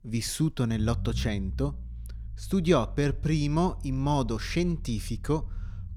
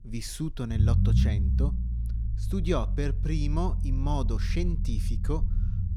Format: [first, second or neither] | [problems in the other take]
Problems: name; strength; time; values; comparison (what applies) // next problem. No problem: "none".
first | low rumble; loud; throughout; 7 dB below the speech; faint in the first